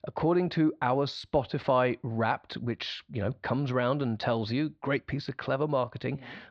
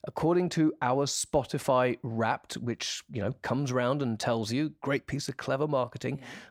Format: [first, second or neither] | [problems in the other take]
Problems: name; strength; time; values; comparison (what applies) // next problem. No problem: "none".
second | muffled; very slightly; fading above 4 kHz